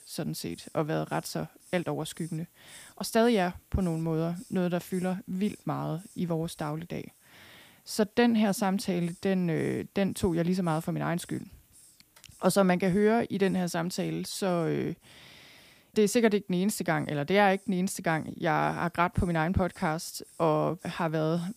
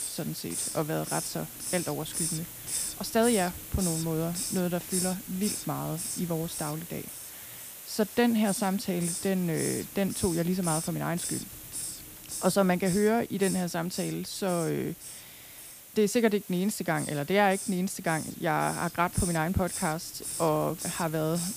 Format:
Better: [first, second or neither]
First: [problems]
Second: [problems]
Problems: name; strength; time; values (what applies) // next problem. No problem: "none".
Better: first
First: hiss; faint; throughout; 25 dB below the speech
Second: hiss; loud; throughout; 6 dB below the speech